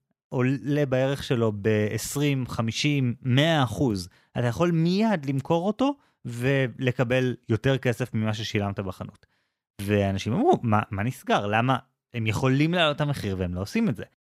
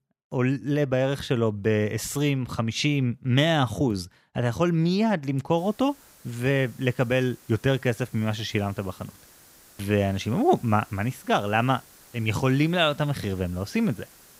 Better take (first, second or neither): first